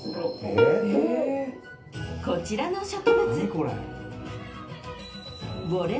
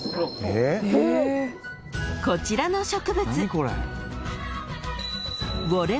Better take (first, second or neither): second